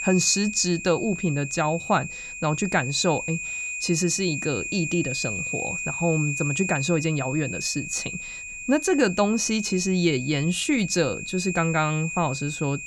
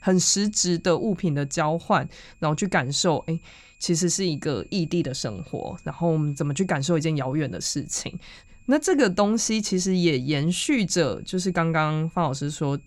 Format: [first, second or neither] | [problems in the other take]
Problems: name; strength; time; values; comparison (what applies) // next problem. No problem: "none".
second | high-pitched whine; loud; throughout; 2.5 kHz, 6 dB below the speech; faint in the second